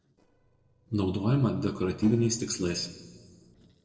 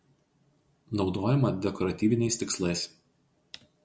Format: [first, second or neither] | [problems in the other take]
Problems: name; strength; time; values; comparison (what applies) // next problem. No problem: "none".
second | noise reduction (neural separator model SepFormer DNS4)